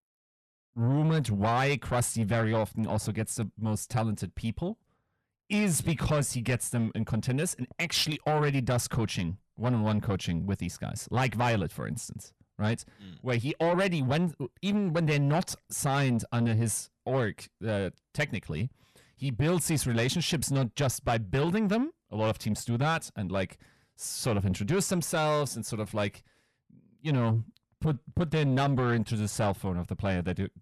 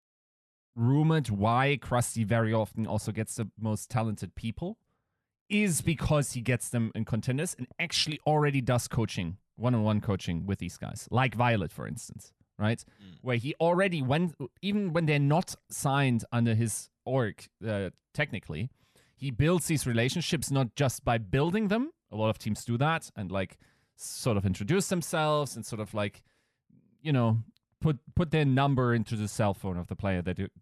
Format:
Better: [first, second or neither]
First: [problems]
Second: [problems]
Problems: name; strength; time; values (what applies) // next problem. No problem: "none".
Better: second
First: distortion; slight; 10 dB below the speech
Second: none